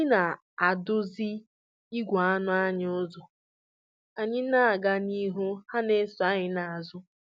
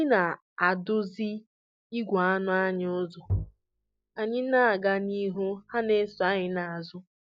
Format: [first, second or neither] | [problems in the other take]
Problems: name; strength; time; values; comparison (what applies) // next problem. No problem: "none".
first | noise reduction (neural mask model DeepFilterNet 3)